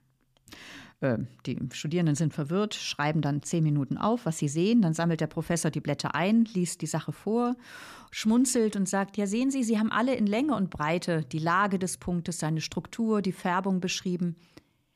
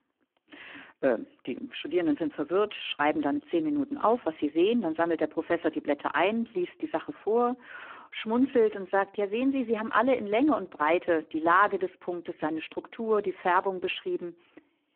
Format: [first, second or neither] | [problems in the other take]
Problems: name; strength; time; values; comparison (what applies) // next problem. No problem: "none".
first | phone-call audio; poor line